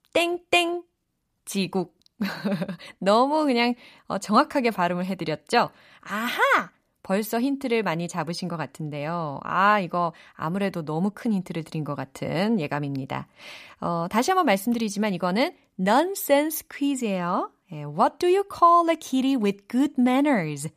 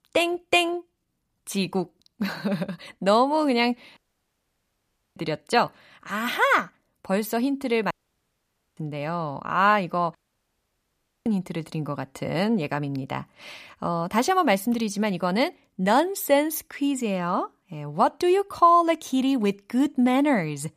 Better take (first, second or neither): first